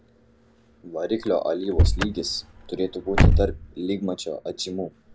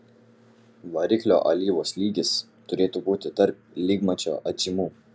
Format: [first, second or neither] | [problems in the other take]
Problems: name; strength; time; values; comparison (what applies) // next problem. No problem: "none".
second | background sound (Slam / Car); 3 dB above the speech